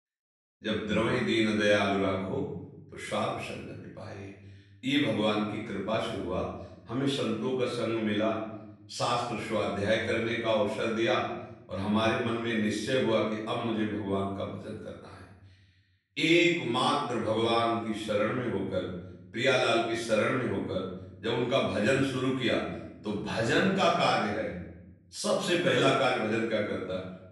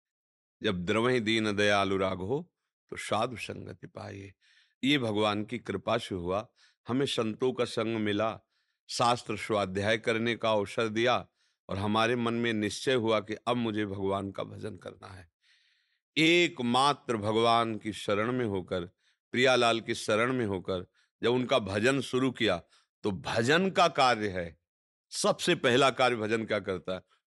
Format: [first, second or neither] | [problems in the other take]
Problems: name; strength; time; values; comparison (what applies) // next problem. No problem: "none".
second | room echo; noticeable; dies away in 0.9 s // off-mic speech; far